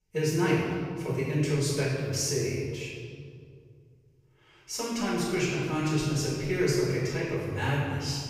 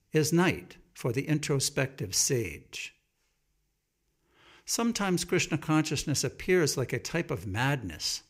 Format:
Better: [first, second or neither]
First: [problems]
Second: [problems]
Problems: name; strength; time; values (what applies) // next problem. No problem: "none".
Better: second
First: off-mic speech; far // room echo; strong; dies away in 2 s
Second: none